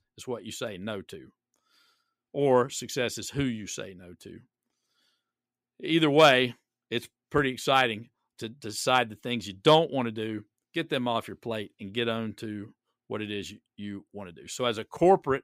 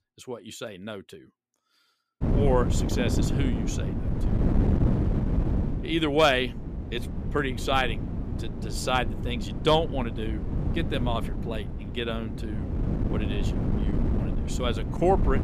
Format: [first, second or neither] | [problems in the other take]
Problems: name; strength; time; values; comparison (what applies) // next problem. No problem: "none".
first | wind noise on the microphone; heavy; from 2 s on; 9 dB below the speech